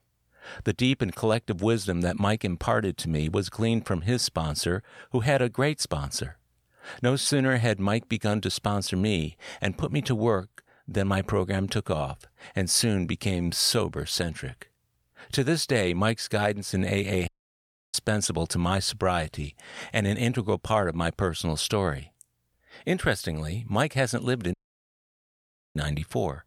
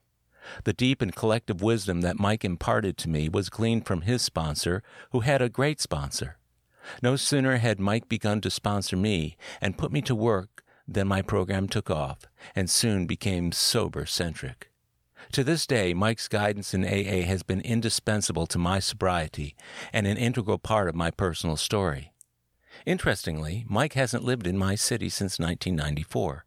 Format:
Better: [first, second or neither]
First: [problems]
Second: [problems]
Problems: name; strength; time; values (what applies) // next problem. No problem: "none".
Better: second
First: audio cutting out; at 17 s for 0.5 s and at 25 s for 1 s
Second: none